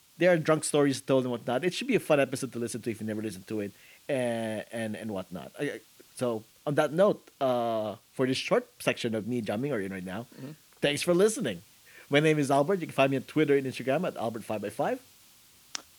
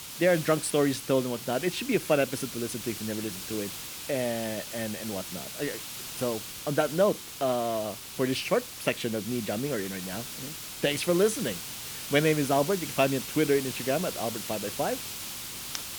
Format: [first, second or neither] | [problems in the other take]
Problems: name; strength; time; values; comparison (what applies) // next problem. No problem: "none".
first | hiss; loud; throughout; 7 dB below the speech; faint in the first